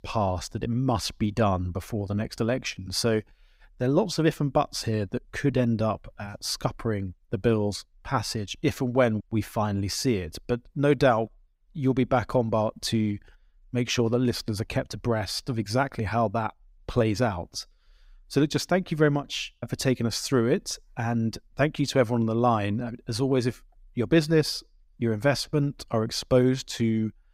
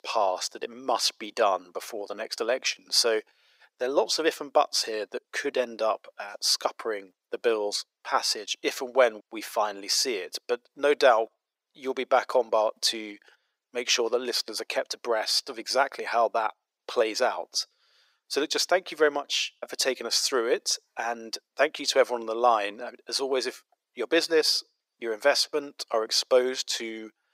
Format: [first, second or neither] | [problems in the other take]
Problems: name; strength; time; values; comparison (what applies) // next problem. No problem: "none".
first | thin; very; fading below 400 Hz